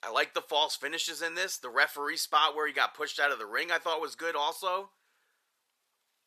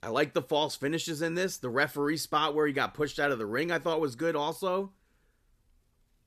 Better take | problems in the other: second | thin; very; fading below 850 Hz

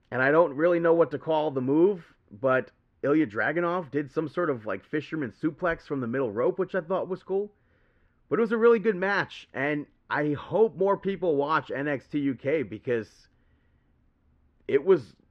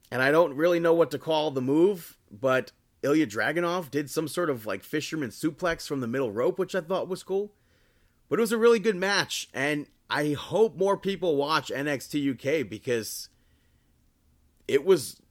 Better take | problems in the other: second | muffled; very; fading above 1.5 kHz

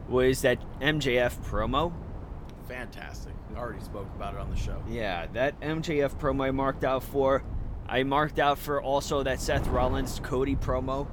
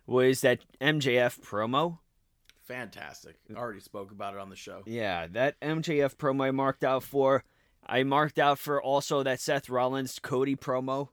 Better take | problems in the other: second | wind noise on the microphone; occasional gusts; 20 dB below the speech

